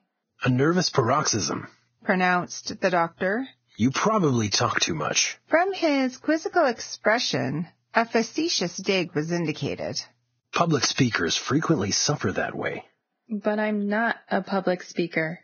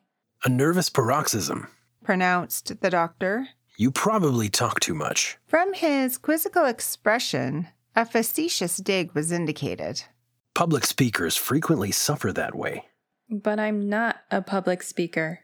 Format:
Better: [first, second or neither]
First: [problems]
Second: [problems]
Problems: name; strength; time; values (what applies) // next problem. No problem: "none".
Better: second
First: garbled, watery; badly; nothing above 6.5 kHz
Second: none